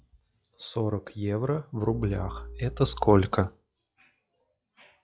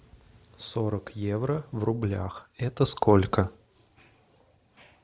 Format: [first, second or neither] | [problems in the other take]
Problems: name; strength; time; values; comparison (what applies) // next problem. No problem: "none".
second | noise reduction (classical method log-MMSE)